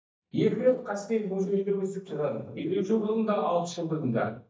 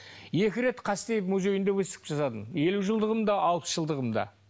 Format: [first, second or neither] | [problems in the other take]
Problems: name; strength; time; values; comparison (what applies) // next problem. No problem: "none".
second | noise reduction (neural mask model DeepFilterNet 3)